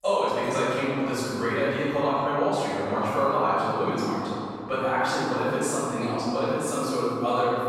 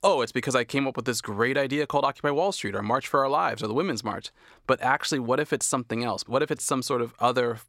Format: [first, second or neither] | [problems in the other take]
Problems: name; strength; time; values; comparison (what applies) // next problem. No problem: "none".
second | room echo; strong; dies away in 2.5 s // off-mic speech; far